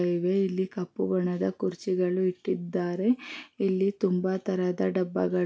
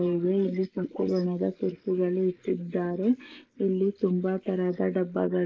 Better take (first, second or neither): first